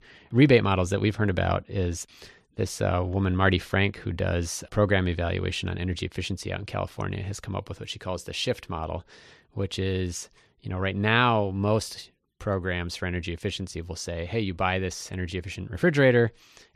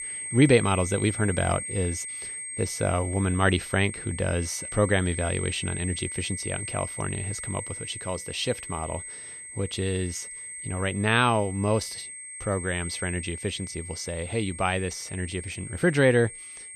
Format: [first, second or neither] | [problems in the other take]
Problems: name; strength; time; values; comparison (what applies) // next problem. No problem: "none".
first | high-pitched whine; loud; throughout; 8.5 kHz, 8 dB below the speech